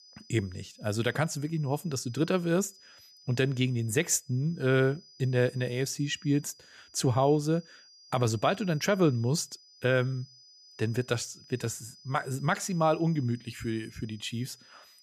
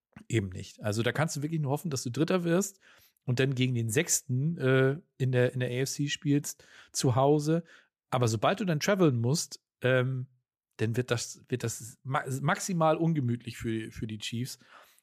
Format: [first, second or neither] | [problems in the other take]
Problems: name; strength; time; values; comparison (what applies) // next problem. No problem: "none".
second | high-pitched whine; faint; throughout; 5 kHz, 25 dB below the speech